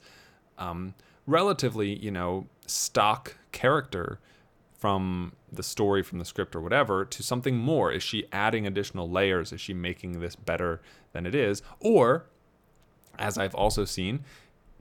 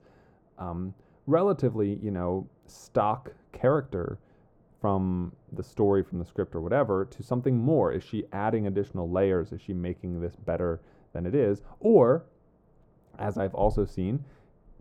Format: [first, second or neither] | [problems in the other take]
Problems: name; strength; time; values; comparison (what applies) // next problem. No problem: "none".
first | muffled; very; fading above 1.5 kHz